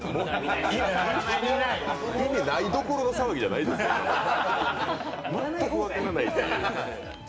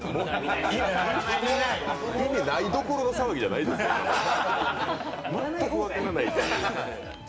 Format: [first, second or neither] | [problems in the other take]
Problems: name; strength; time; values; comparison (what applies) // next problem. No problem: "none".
first | background sound (Sneeze); 17 dB below the speech